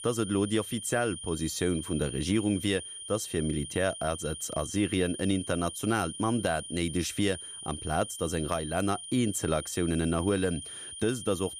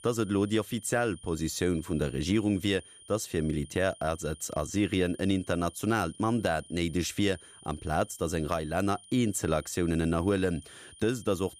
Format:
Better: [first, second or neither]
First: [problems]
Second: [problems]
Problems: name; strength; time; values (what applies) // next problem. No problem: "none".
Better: second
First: high-pitched whine; loud; throughout; 9.5 kHz, 9 dB below the speech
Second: high-pitched whine; faint; throughout; 9.5 kHz, 20 dB below the speech